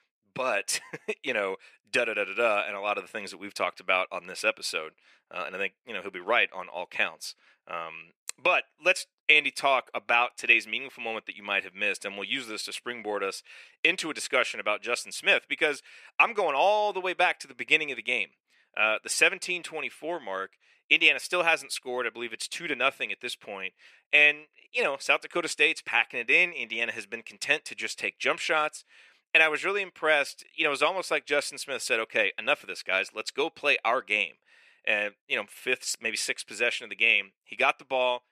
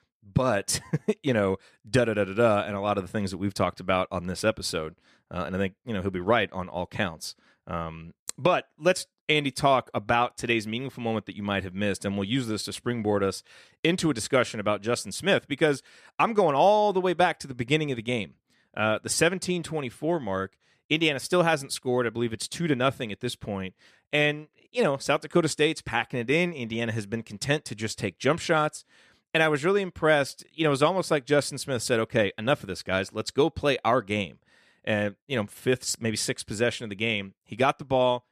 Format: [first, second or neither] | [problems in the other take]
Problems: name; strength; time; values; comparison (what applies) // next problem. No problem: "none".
second | thin; somewhat; fading below 500 Hz